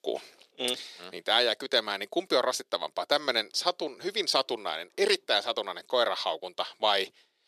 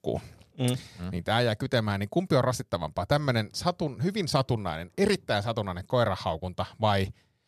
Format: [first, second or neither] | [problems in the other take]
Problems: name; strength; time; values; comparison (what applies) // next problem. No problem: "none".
second | thin; very; fading below 350 Hz